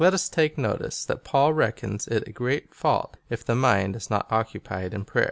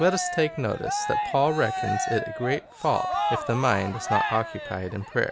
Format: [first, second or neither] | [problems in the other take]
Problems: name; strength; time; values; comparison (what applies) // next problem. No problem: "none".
first | background sound (Cheering); 4 dB below the speech